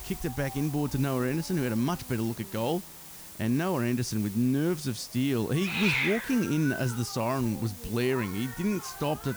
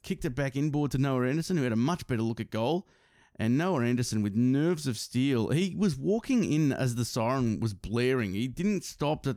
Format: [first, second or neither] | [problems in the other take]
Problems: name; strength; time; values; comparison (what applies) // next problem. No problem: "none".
second | hiss; loud; throughout; 8 dB below the speech